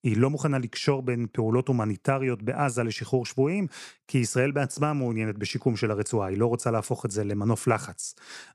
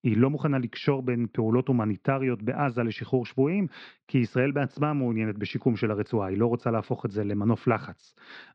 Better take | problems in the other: first | muffled; slightly; fading above 4 kHz

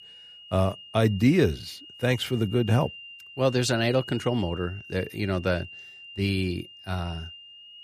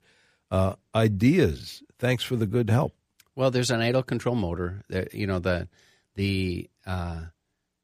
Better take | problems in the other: second | high-pitched whine; noticeable; throughout; 3 kHz, 15 dB below the speech

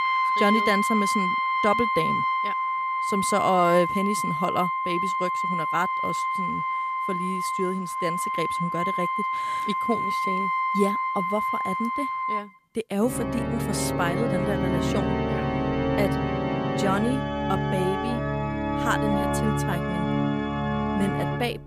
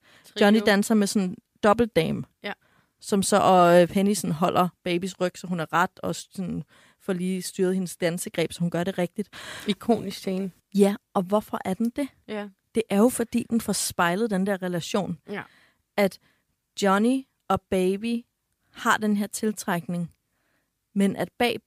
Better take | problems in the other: second | background music; very loud; throughout; 3 dB above the speech

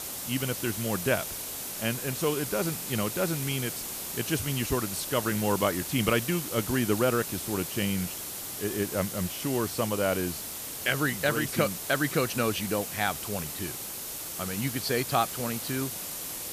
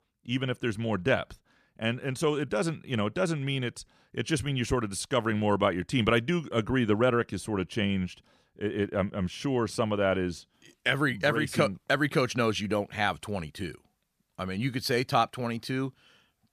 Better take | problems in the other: second | hiss; loud; throughout; 4 dB below the speech

